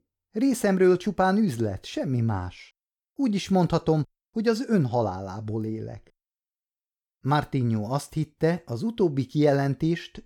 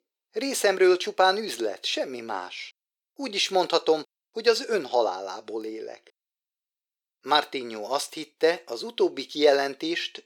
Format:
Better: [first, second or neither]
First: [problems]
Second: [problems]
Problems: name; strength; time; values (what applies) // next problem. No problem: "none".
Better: first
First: none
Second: thin; very; fading below 400 Hz